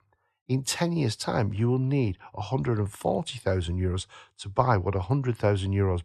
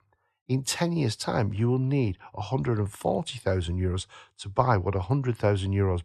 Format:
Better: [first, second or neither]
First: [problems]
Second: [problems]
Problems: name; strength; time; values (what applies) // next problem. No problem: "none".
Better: neither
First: none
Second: none